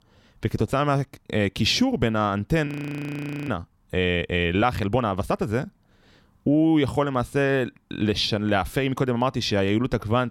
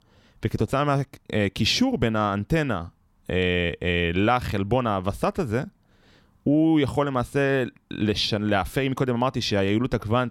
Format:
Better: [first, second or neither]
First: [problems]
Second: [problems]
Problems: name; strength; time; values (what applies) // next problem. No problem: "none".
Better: second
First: audio freezing; at 2.5 s for 1 s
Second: none